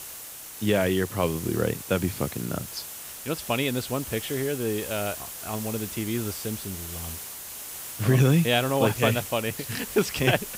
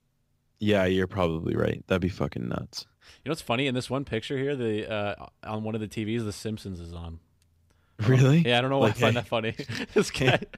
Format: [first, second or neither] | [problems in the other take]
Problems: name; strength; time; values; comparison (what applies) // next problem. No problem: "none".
second | hiss; loud; throughout; 9 dB below the speech